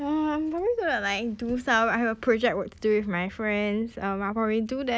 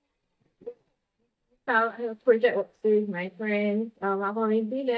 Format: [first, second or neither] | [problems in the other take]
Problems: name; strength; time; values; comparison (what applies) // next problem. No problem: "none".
first | noise reduction (neural mask model DeepFilterNet 3)